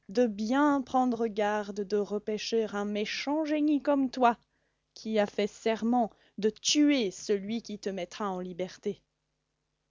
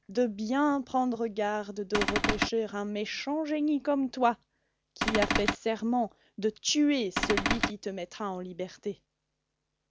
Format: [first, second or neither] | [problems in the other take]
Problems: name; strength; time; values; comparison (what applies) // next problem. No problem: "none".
first | background sound (Cupboard open or close / Door); 2 dB above the speech